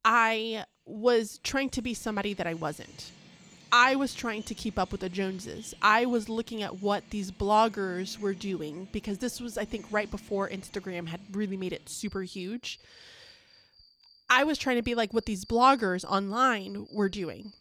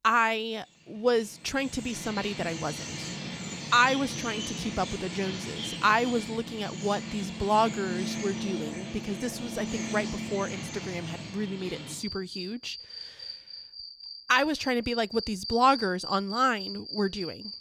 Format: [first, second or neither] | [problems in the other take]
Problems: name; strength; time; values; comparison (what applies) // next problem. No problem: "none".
first | animal sounds; loud; throughout; 8 dB below the speech; faint in the first